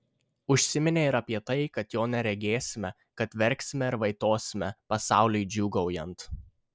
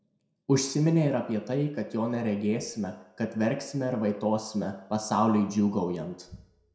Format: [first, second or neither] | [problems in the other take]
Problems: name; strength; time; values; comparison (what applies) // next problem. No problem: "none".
first | room echo; dies away in 0.5 s